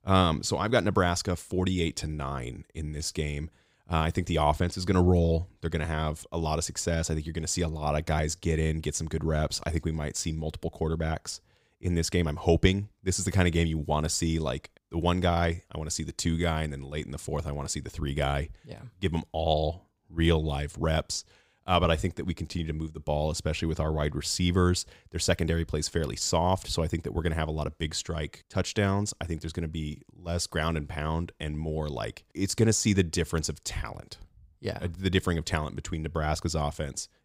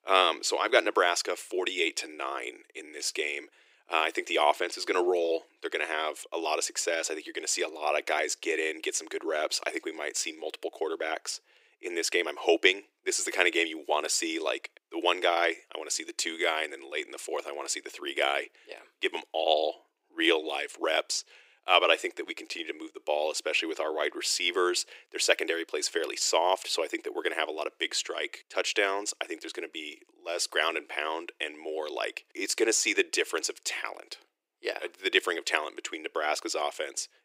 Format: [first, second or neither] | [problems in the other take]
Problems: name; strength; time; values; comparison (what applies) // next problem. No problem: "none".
first | thin; very; fading below 350 Hz